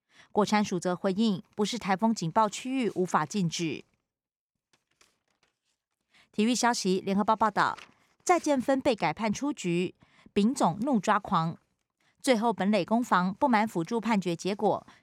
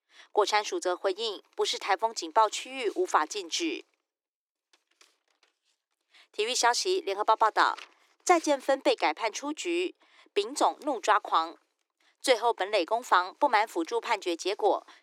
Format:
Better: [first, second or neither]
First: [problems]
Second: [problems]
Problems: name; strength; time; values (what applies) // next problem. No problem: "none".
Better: first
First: none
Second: thin; very; fading below 300 Hz